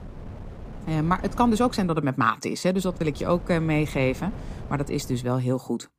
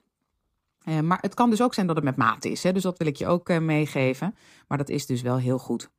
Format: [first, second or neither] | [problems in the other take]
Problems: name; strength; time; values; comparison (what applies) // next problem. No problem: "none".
second | wind noise on the microphone; occasional gusts; until 2 s and from 3 to 5 s; 20 dB below the speech